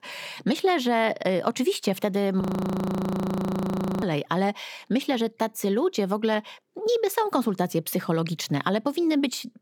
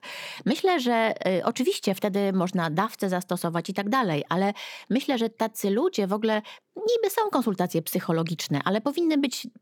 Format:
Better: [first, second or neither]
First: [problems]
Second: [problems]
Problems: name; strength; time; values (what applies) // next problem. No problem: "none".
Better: second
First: audio freezing; at 2.5 s for 1.5 s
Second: none